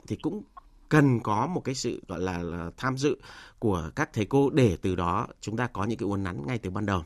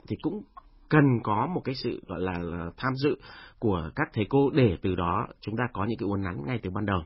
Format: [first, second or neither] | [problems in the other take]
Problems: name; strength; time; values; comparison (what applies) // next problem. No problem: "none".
first | garbled, watery; badly; nothing above 5.5 kHz